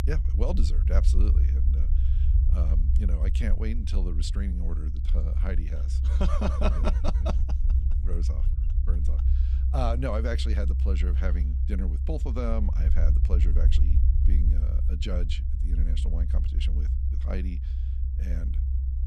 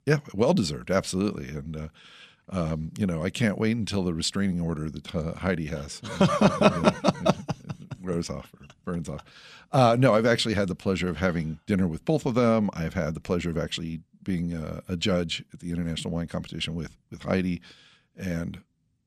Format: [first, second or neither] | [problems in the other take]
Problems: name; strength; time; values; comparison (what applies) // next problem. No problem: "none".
second | low rumble; loud; throughout; 7 dB below the speech